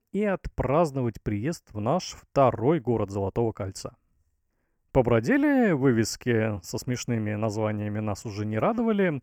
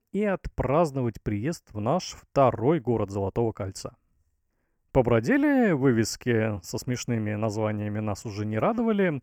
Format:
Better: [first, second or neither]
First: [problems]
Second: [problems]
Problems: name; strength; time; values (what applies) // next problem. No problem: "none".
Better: neither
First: none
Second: none